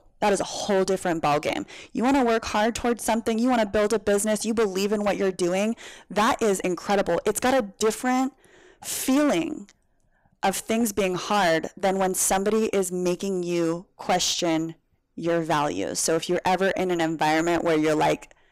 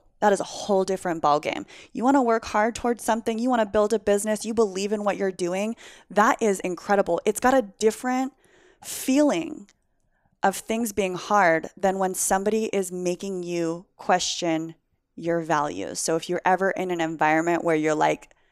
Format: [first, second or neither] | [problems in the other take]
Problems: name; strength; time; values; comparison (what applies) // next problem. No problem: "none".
second | distortion; heavy; 14% of the sound clipped